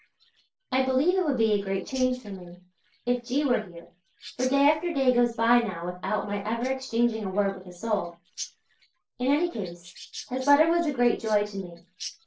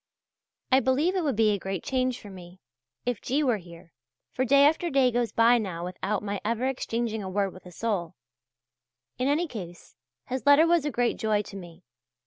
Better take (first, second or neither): second